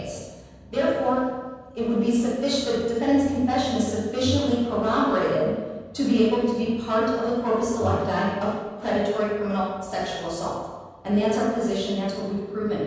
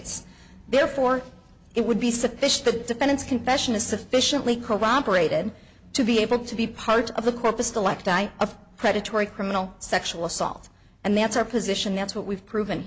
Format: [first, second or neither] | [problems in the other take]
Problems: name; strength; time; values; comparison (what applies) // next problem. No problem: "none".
second | background sound (Bowed string instrument); 14 dB below the speech // room echo; dies away in 1.2 s